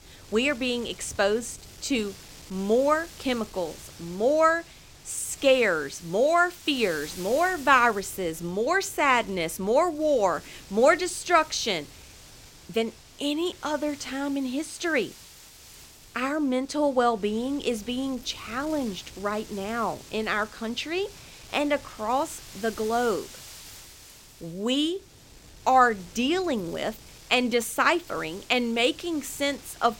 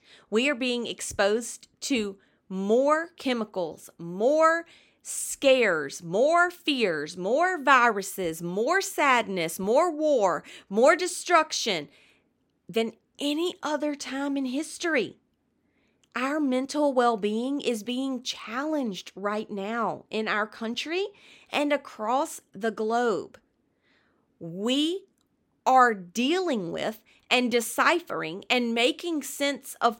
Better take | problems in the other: second | wind noise on the microphone; occasional gusts; 20 dB below the speech

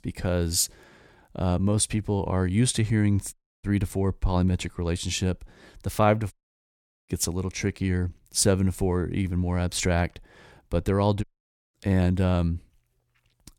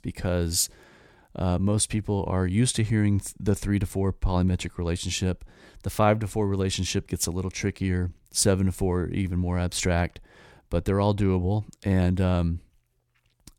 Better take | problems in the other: second | audio cutting out; at 3.5 s, at 6.5 s for 1 s and at 11 s for 0.5 s

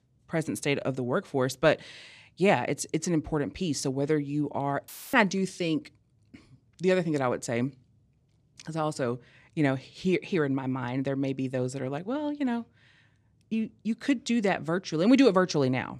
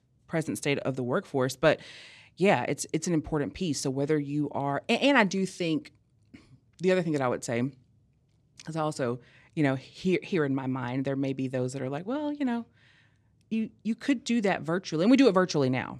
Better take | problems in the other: second | audio cutting out; filled with static; at 5 s

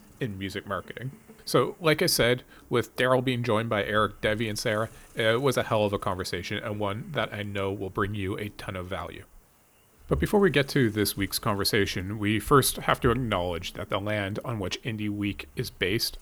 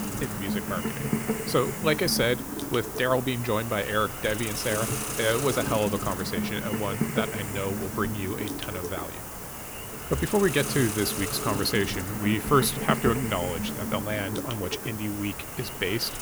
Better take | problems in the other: first | hiss; loud; throughout; 3 dB below the speech; faint in the first

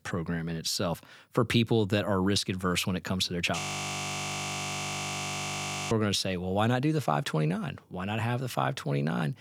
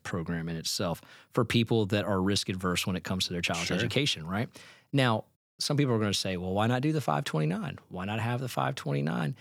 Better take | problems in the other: second | audio freezing; at 3.5 s for 2.5 s

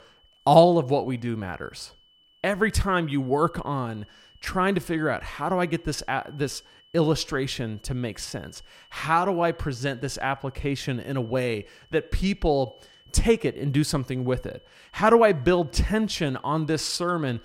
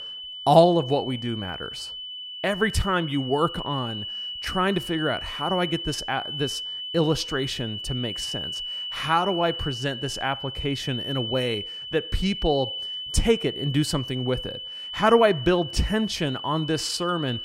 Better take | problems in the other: first | high-pitched whine; loud; throughout; 3 kHz, 7 dB below the speech; faint in the first

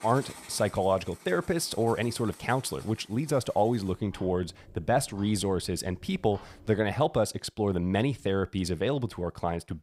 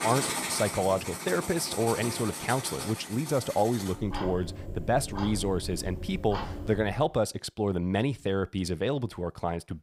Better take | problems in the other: first | household noises; loud; until 7 s; 6 dB below the speech; faint in the first

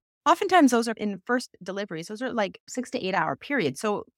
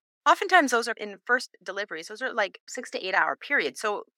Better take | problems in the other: first | thin; somewhat; fading below 450 Hz

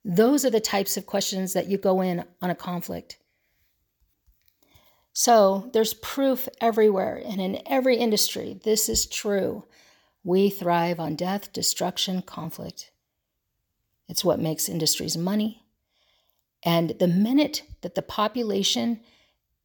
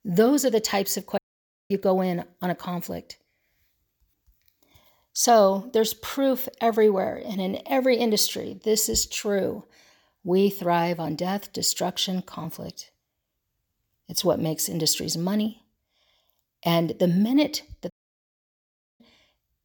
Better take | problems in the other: first | audio cutting out; at 1 s for 0.5 s and at 18 s for 1 s

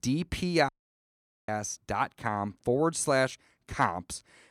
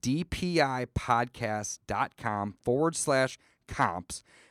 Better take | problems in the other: second | audio cutting out; at 0.5 s for 1 s

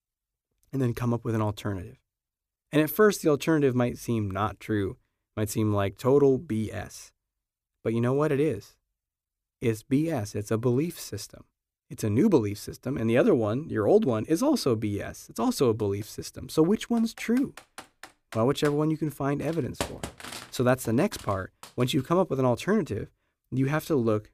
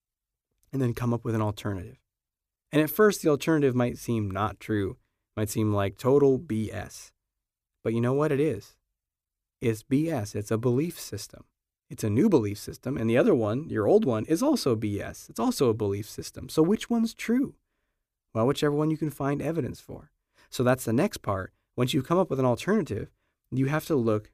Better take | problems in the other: second | keyboard typing; noticeable; from 17 to 22 s; peak 8 dB below the speech

